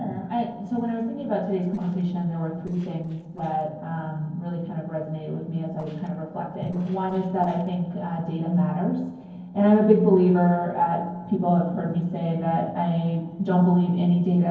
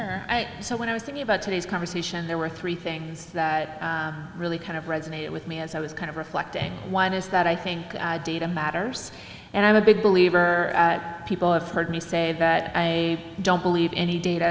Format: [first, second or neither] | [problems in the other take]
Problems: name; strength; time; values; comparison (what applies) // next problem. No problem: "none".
second | noise reduction (neural separator model SepFormer DNS4)